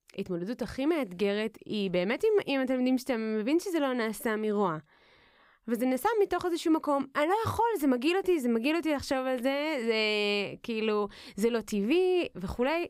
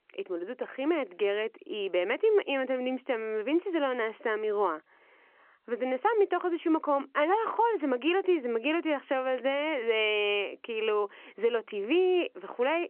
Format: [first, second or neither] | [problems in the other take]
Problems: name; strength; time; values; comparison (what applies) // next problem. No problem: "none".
first | phone-call audio; nothing above 3 kHz